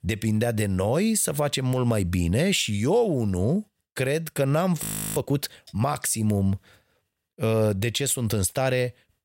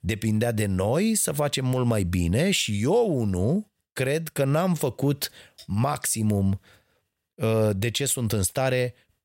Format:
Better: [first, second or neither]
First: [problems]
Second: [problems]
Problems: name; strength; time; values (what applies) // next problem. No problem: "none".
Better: second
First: audio freezing; at 5 s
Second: none